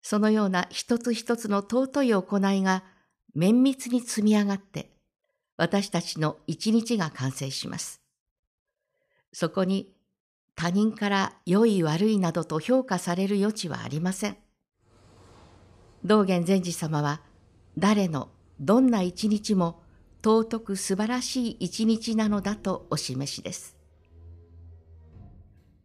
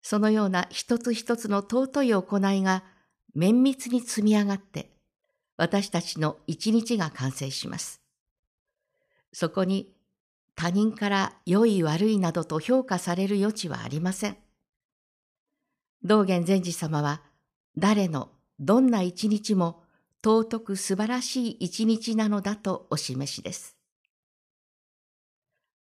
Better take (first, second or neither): second